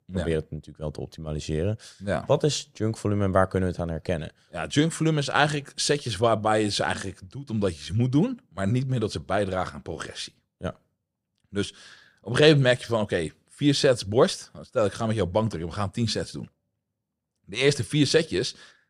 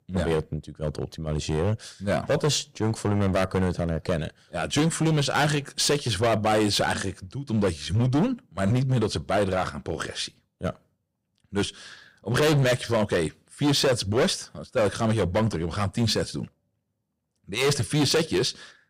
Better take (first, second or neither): first